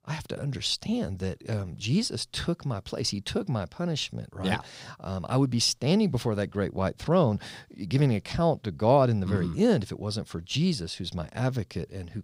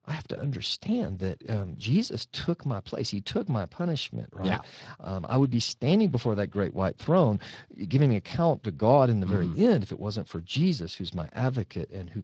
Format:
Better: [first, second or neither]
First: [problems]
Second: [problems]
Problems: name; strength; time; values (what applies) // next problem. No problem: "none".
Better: first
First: none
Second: garbled, watery; slightly